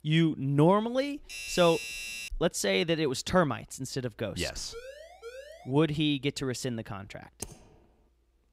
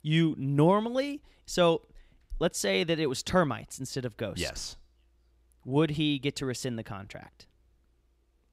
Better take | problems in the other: second | doorbell; noticeable; from 1 to 2.5 s; peak 7 dB below the speech // siren; faint; at 4.5 s; peak 15 dB below the speech // keyboard typing; faint; at 7.5 s; peak 15 dB below the speech

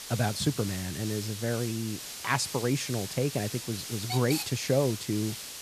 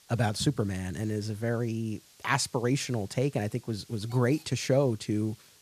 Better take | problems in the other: second | hiss; loud; throughout; 6 dB below the speech; faint in the second

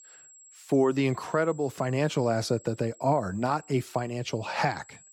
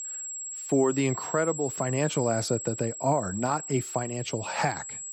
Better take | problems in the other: first | high-pitched whine; loud; throughout; 7.5 kHz, 7 dB below the speech; faint in the first

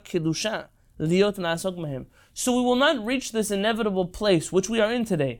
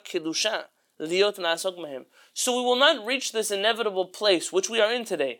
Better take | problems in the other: first | thin; somewhat; fading below 350 Hz

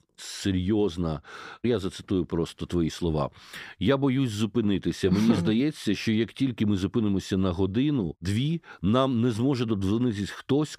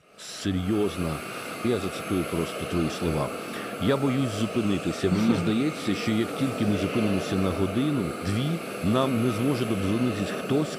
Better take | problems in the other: first | hiss; loud; throughout; 6 dB below the speech

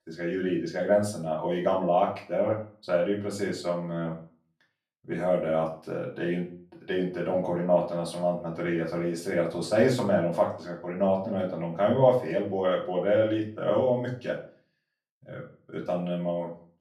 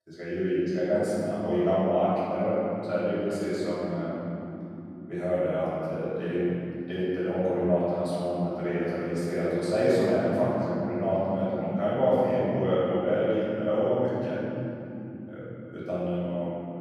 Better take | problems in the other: first | room echo; strong; dies away in 3 s; slight in the first // off-mic speech; far; far in the first

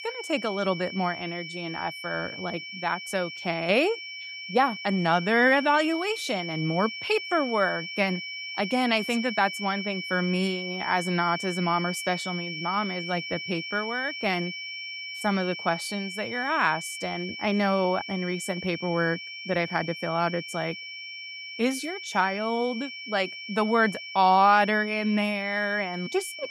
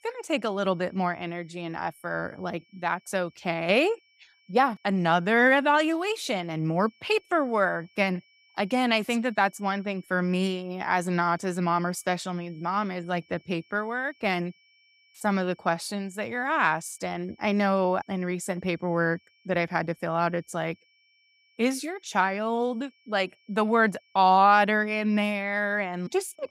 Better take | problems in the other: second | high-pitched whine; loud; throughout; 2.5 kHz, 8 dB below the speech; faint in the second

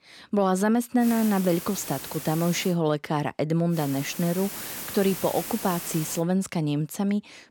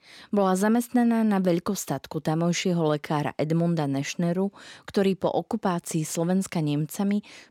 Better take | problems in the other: second | hiss; loud; from 1 to 2.5 s and from 4 to 6 s; 9 dB below the speech

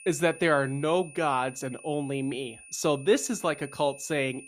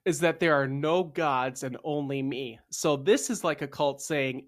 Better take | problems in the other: second | high-pitched whine; noticeable; throughout; 2.5 kHz, 20 dB below the speech

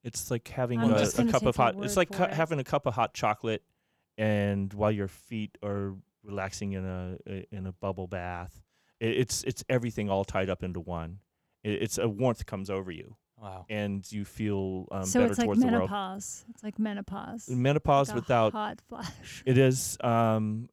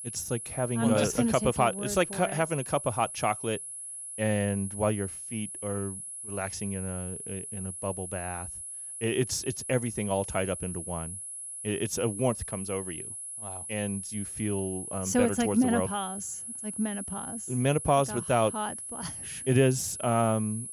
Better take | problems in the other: first | high-pitched whine; loud; throughout; 10.5 kHz, 7 dB below the speech

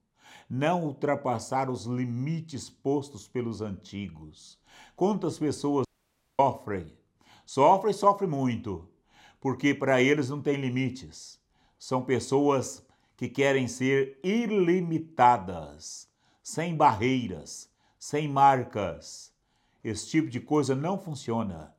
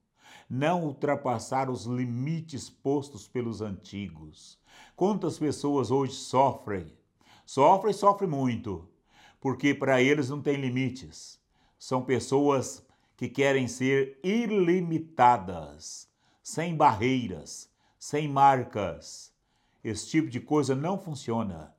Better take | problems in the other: second | audio cutting out; at 6 s for 0.5 s

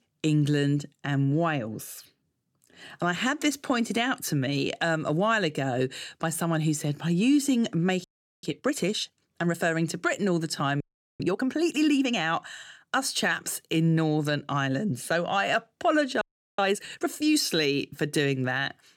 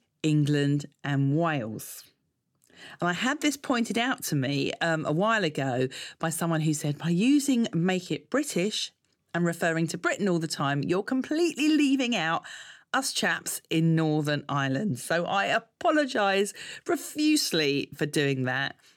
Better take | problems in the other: second | audio freezing; at 8 s, at 11 s and at 16 s

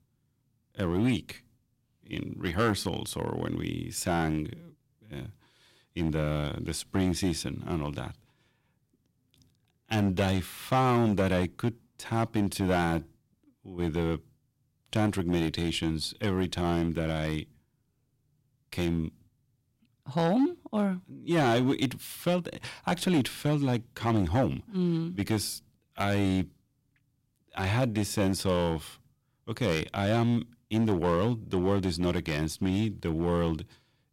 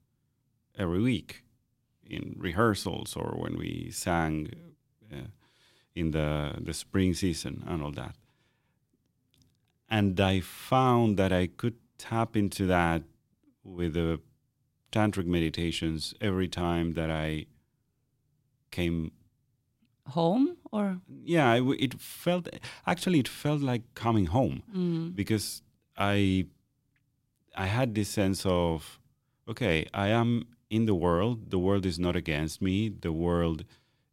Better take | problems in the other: second | distortion; slight; 4% of the sound clipped

